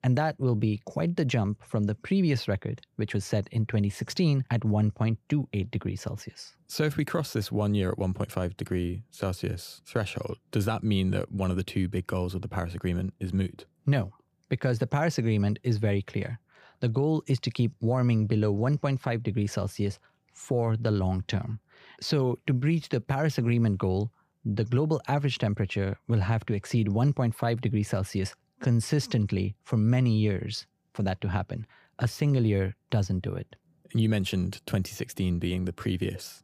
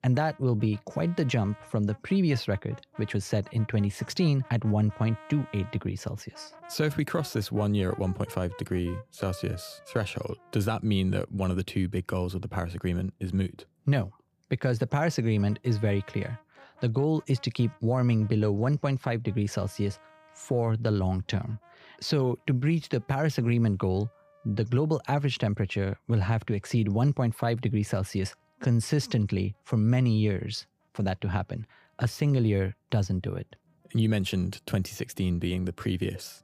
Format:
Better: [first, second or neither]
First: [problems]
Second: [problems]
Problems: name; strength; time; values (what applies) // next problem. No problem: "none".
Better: first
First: none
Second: background music; faint; throughout; 25 dB below the speech